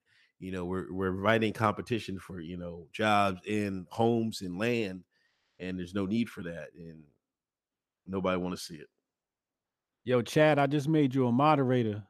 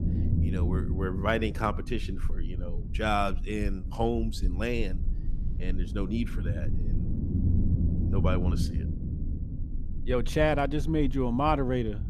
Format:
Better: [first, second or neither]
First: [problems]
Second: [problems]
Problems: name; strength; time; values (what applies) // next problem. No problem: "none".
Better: first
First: none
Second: low rumble; noticeable; throughout; 15 dB below the speech